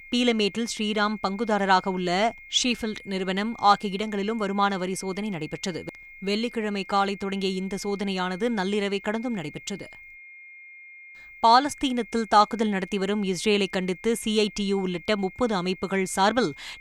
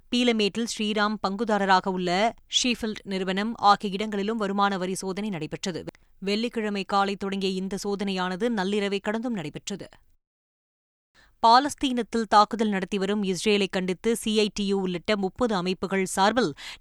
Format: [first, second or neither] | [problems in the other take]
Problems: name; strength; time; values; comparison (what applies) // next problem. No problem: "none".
second | high-pitched whine; noticeable; throughout; 2 kHz, 20 dB below the speech